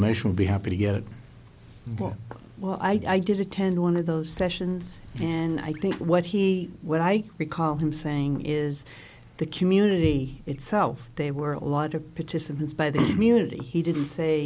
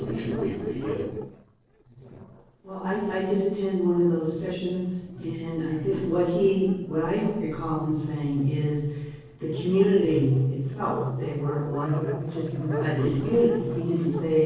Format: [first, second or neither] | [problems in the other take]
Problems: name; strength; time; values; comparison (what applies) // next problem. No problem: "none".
first | noise reduction (neural separator model SepFormer DNS4)